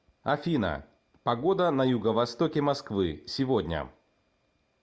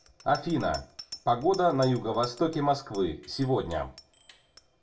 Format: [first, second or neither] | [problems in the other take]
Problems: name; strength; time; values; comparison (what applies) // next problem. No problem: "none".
first | background sound (Bicycle bell); 20 dB below the speech // room echo; dies away in 0.2 s